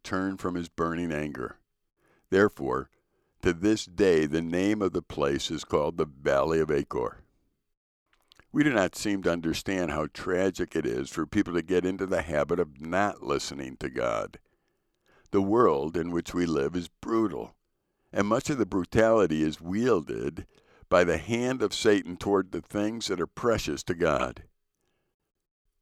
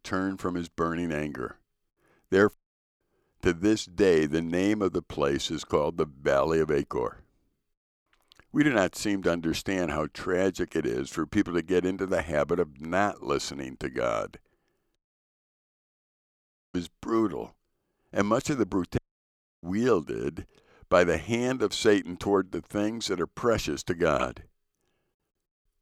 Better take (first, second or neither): first